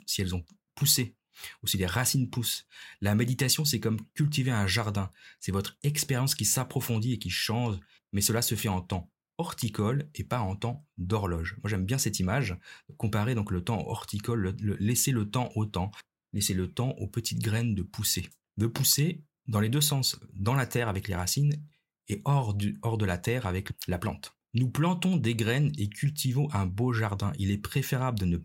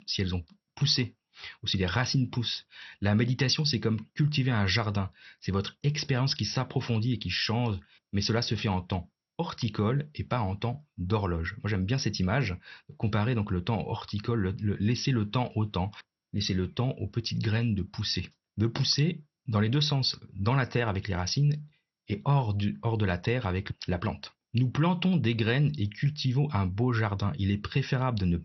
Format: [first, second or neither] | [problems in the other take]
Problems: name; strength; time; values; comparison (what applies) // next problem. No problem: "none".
first | garbled, watery; slightly; nothing above 6 kHz